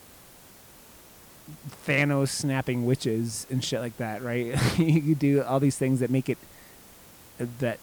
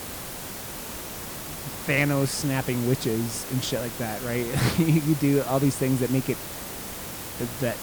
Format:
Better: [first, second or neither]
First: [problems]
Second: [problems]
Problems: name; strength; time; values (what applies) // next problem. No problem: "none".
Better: first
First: hiss; faint; throughout; 25 dB below the speech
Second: hiss; loud; throughout; 8 dB below the speech